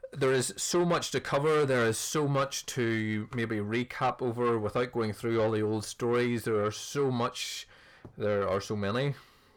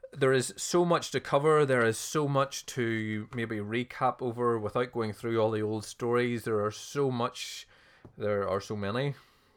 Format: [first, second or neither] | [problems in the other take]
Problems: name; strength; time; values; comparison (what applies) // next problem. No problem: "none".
second | distortion; slight; 10 dB below the speech